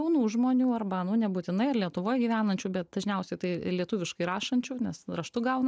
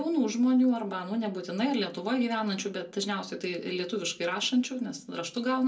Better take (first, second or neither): first